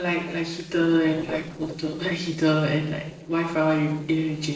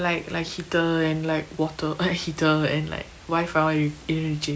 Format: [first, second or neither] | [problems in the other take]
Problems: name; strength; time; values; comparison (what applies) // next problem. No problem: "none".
second | noise reduction (neural separator model SepFormer DNS4)